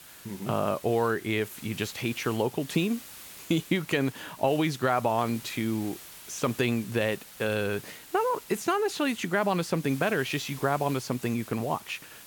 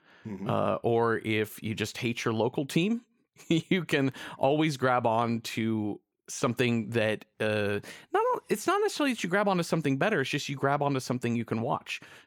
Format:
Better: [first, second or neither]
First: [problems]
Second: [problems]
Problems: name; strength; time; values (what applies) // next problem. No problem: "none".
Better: second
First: hiss; noticeable; throughout; 15 dB below the speech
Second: none